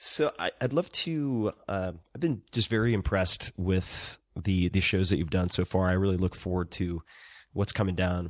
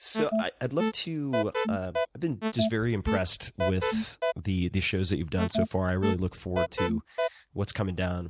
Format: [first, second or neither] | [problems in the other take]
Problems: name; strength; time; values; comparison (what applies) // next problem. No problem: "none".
first | background sound (Alarm); as loud as the speech